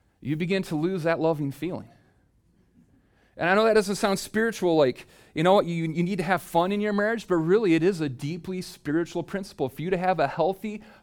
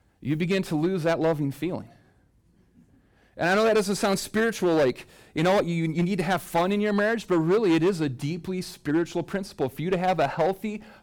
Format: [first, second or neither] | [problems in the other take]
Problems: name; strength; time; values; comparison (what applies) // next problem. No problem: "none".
first | distortion; slight; 6% of the sound clipped